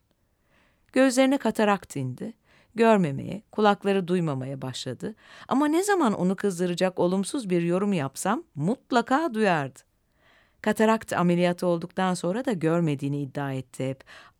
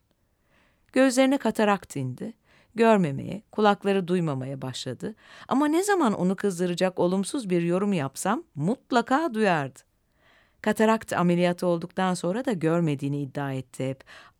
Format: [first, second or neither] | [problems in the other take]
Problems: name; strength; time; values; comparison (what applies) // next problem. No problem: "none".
neither | none